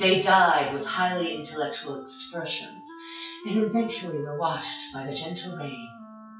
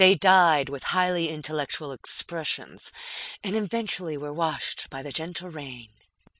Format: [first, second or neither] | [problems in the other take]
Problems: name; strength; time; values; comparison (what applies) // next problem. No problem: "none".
second | noise reduction (classical method WPE with log-MMSE)